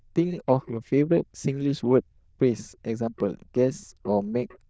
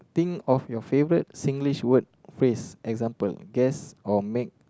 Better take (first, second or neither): second